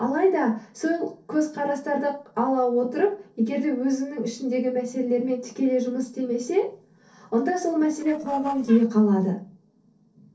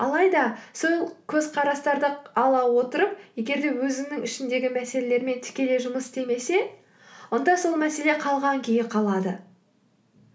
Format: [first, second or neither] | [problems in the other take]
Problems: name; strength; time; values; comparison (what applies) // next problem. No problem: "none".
second | noise reduction (neural separator model SepFormer DNS4)